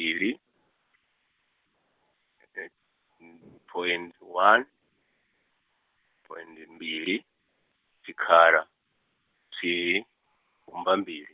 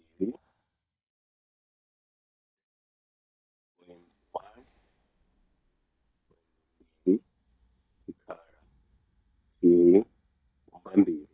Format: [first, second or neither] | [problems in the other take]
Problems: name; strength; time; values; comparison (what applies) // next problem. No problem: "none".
first | noise reduction (neural mask model DeepFilterNet 3)